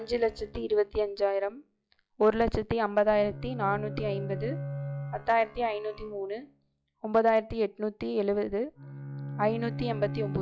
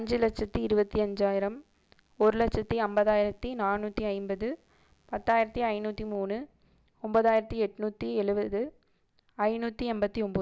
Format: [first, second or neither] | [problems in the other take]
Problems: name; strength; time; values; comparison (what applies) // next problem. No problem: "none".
second | noise reduction (classical method log-MMSE)